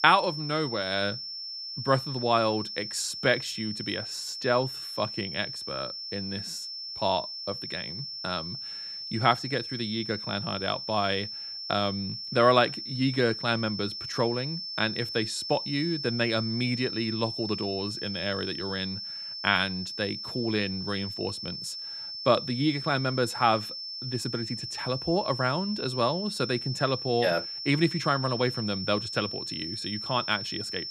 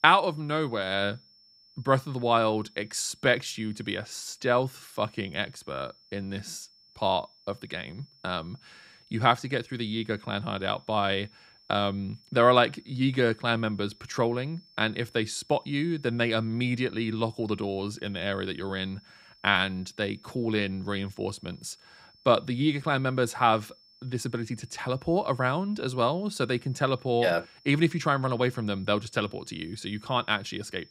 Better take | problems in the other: second | high-pitched whine; loud; throughout; 5.5 kHz, 5 dB below the speech; faint in the second

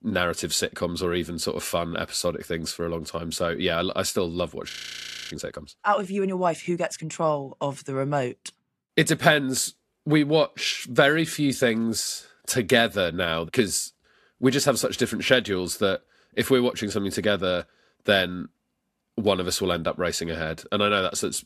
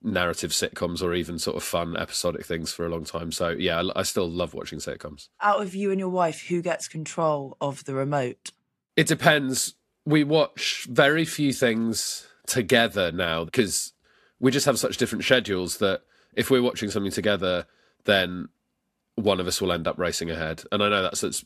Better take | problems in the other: second | audio freezing; at 4.5 s for 0.5 s

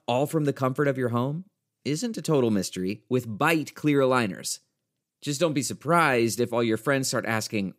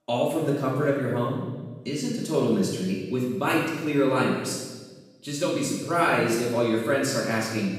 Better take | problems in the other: first | off-mic speech; far // room echo; noticeable; dies away in 1.1 s

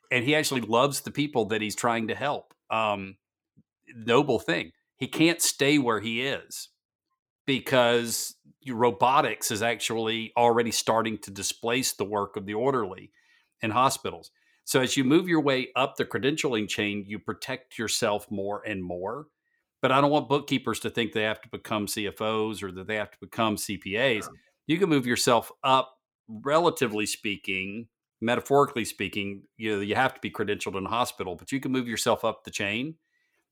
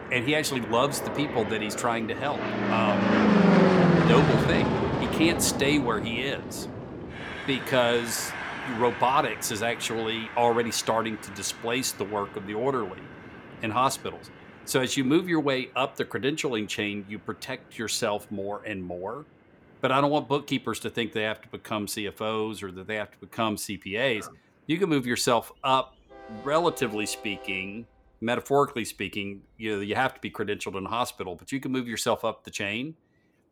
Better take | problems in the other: first | train or aircraft noise; very loud; throughout; as loud as the speech

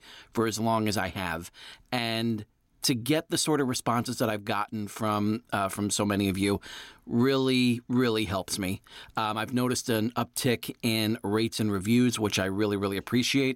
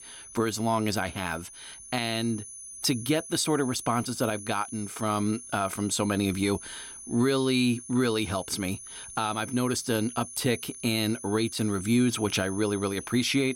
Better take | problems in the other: first | high-pitched whine; noticeable; throughout; 10 kHz, 15 dB below the speech

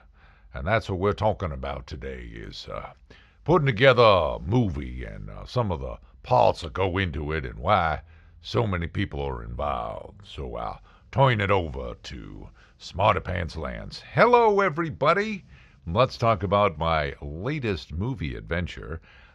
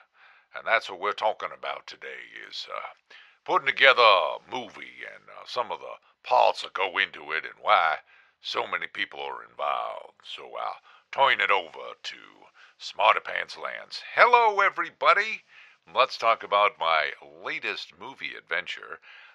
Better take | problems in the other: first | thin; very; fading below 750 Hz

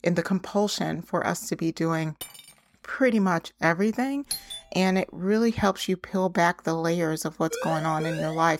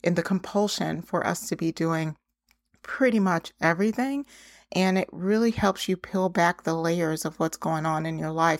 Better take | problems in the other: second | clattering dishes; faint; at 2 s; peak 15 dB below the speech // doorbell; noticeable; at 4.5 s; peak 6 dB below the speech // siren; noticeable; at 7.5 s; peak 7 dB below the speech

